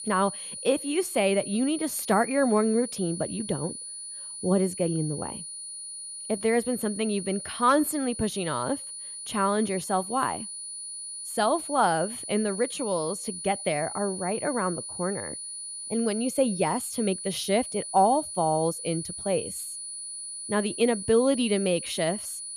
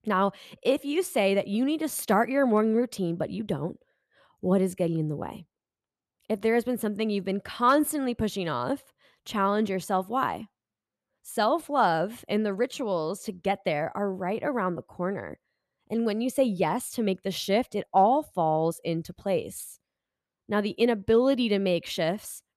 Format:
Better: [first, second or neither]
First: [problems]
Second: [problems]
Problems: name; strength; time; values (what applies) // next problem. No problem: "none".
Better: second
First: high-pitched whine; loud; throughout; 9.5 kHz, 8 dB below the speech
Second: none